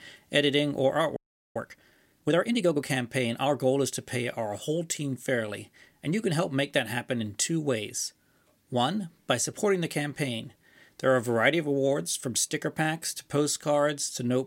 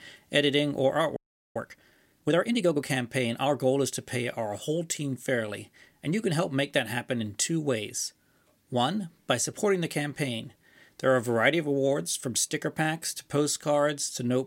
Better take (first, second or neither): neither